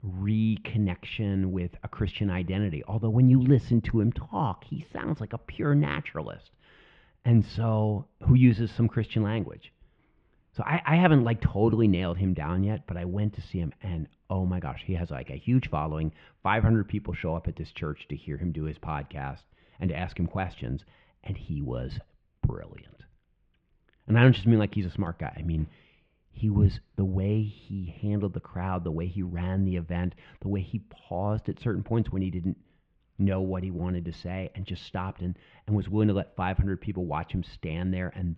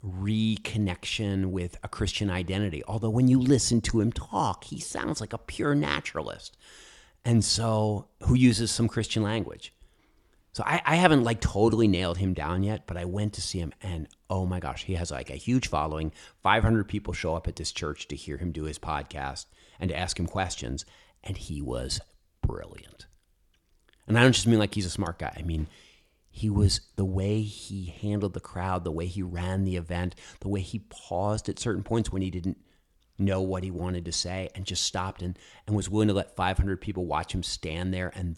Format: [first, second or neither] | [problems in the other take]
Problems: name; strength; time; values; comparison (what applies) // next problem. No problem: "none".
second | muffled; very; fading above 2.5 kHz